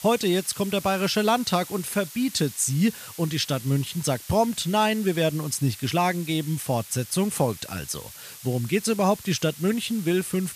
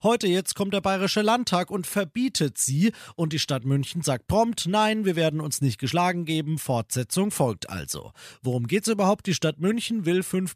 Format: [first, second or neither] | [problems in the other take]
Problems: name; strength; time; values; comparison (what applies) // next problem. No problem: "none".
second | hiss; noticeable; throughout; 15 dB below the speech